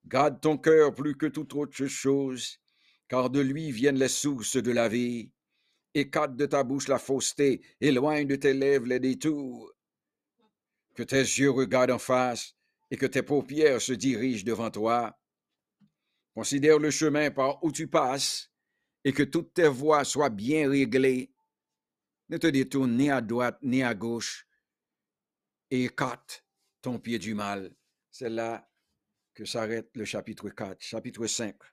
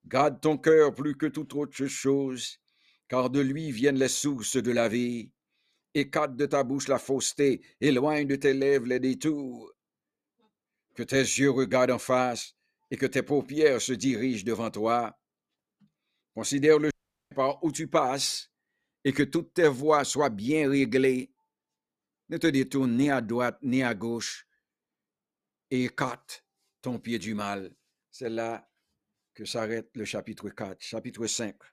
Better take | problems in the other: first | audio cutting out; at 17 s

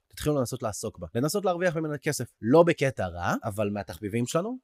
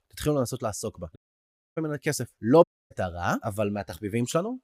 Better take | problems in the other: first | audio cutting out; at 1 s for 0.5 s and at 2.5 s

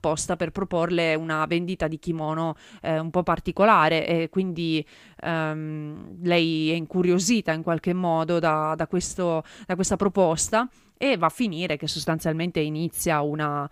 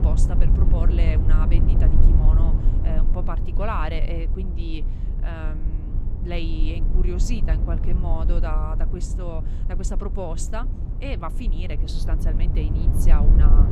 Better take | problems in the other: first | low rumble; loud; throughout; 4 dB below the speech

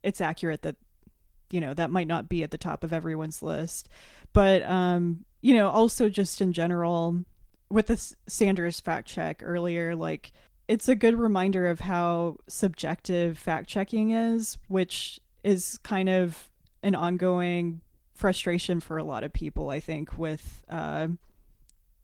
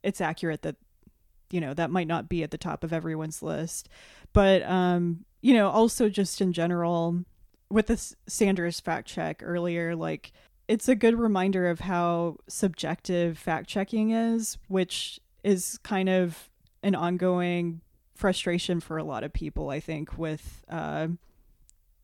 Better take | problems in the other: second | garbled, watery; slightly

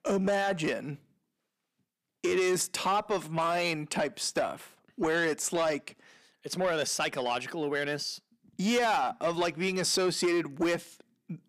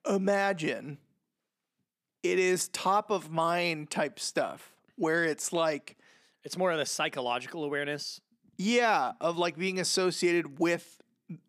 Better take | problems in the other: second | distortion; slight; 10 dB below the speech

